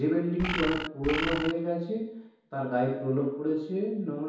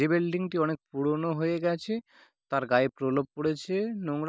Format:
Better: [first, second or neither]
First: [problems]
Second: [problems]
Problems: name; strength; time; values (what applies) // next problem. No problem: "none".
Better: second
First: background sound (Bird); 3 dB below the speech // room echo; dies away in 2.2 s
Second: none